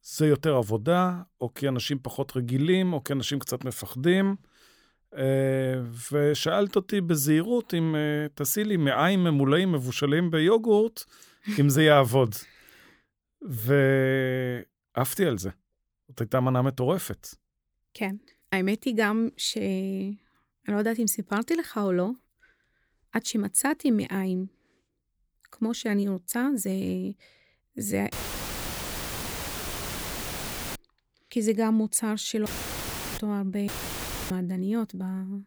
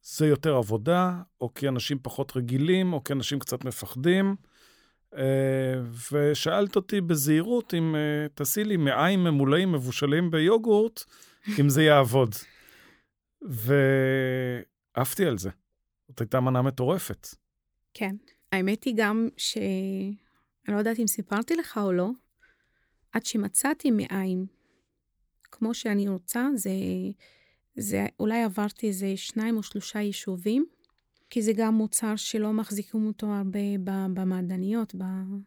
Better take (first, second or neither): second